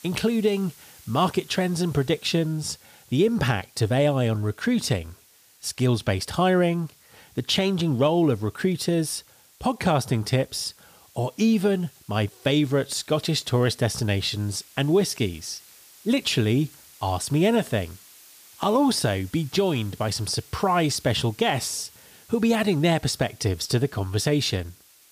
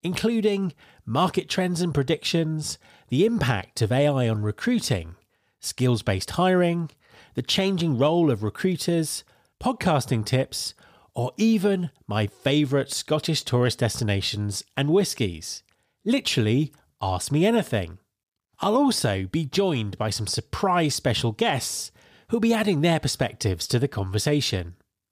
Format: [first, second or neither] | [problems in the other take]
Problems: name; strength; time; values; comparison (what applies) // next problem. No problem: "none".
second | hiss; faint; throughout; 25 dB below the speech